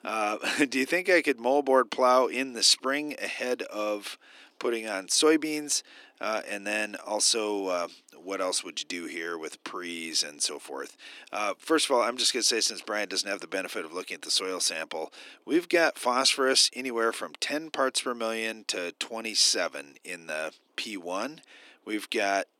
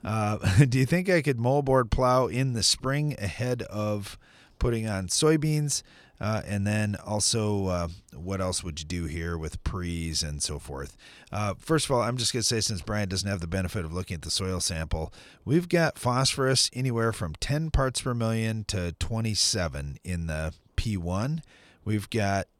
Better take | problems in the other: second | thin; somewhat; fading below 300 Hz

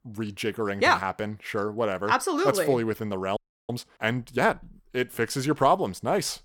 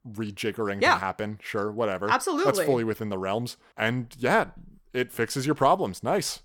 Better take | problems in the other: second | audio freezing; at 3.5 s

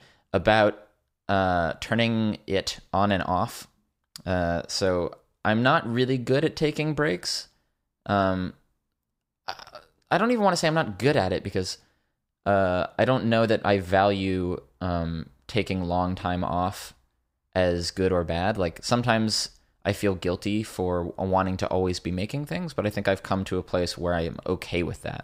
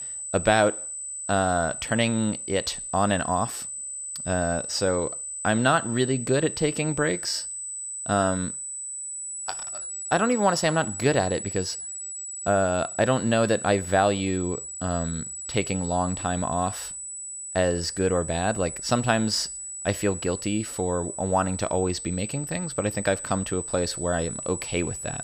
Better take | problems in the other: first | high-pitched whine; loud; throughout; 8 kHz, 7 dB below the speech

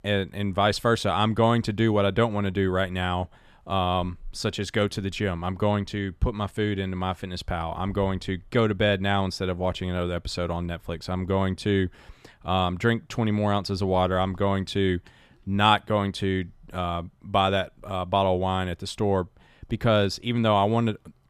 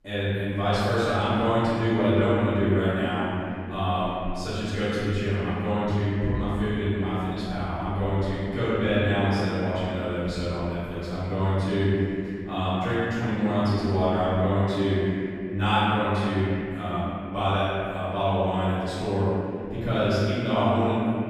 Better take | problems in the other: first | room echo; strong; dies away in 3 s // off-mic speech; far

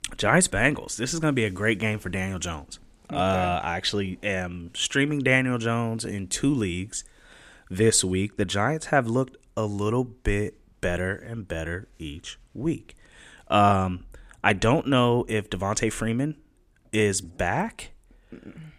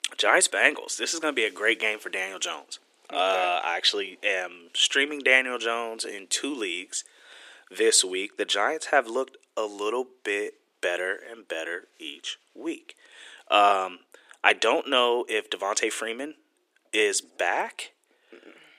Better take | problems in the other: first | thin; very; fading below 350 Hz

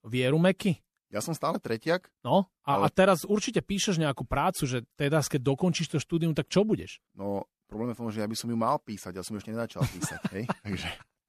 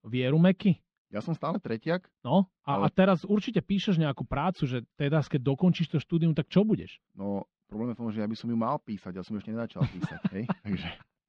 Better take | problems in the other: first | muffled; slightly; fading above 3.5 kHz

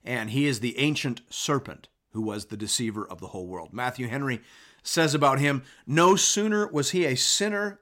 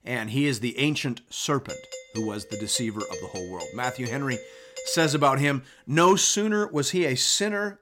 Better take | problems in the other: first | doorbell; faint; from 1.5 to 5 s; peak 10 dB below the speech

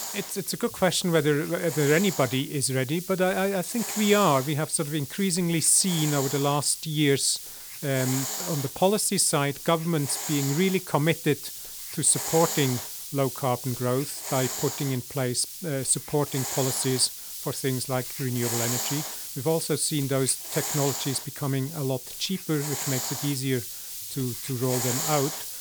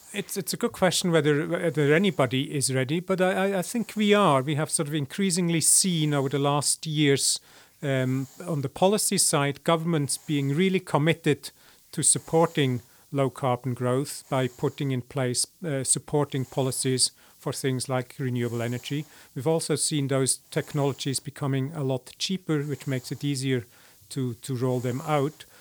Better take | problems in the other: second | hiss; loud; throughout; 6 dB below the speech; faint in the second

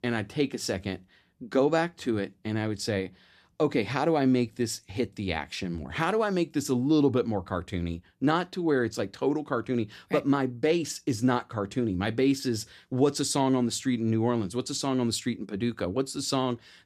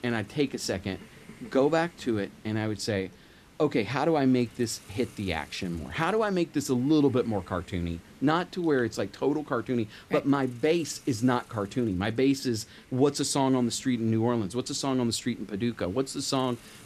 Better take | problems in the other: first | hiss; faint; throughout; 25 dB below the speech

